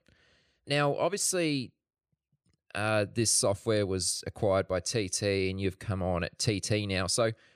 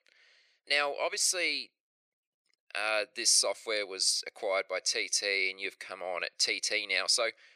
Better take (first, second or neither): first